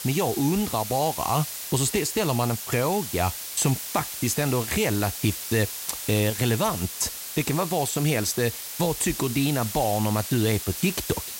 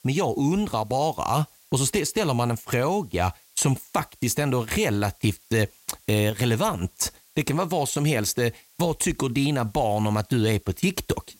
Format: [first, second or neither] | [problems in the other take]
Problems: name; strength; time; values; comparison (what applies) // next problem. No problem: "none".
second | hiss; loud; throughout; 6 dB below the speech; faint in the second